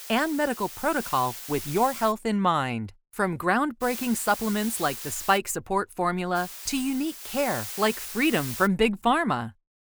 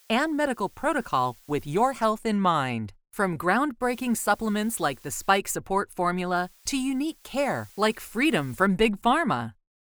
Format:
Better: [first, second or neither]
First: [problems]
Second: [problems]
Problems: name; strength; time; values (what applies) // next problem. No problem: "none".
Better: second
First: hiss; loud; until 2 s, from 4 to 5.5 s and from 6.5 to 8.5 s; 9 dB below the speech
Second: hiss; faint; until 2 s, from 4 to 5.5 s and from 6.5 to 8.5 s; 25 dB below the speech